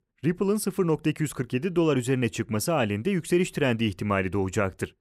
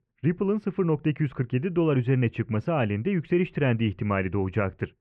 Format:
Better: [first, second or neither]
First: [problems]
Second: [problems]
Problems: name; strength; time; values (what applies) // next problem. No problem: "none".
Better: first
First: none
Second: muffled; very; fading above 2.5 kHz